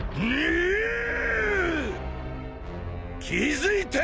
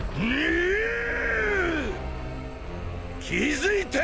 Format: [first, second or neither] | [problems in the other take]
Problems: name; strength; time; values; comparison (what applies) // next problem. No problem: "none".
first | background sound (Gull, seagull + Hiss); 16 dB below the speech